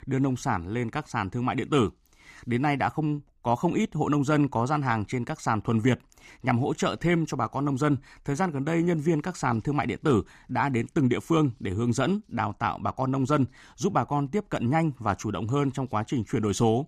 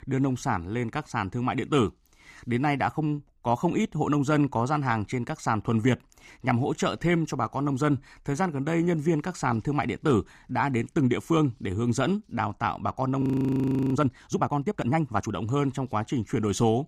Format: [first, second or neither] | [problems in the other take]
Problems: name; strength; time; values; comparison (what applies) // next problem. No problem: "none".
first | audio freezing; at 13 s for 0.5 s